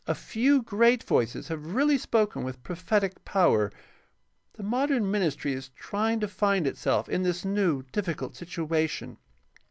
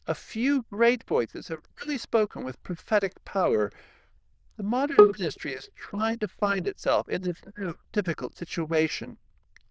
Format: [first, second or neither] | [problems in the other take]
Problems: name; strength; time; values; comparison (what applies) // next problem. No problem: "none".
first | noise reduction (neural diffusion model UNIVERSE++)